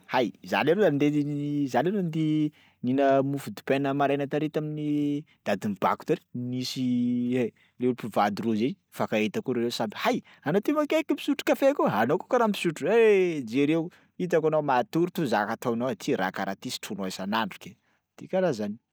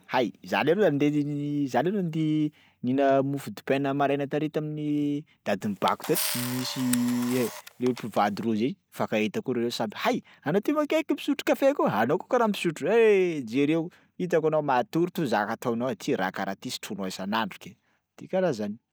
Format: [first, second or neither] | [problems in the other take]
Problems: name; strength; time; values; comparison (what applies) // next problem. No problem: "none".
first | background sound (Camera); 9 dB below the speech